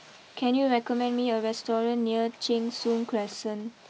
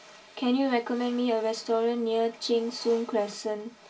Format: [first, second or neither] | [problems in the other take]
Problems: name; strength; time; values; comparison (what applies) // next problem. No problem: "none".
first | room echo; dies away in 0.2 s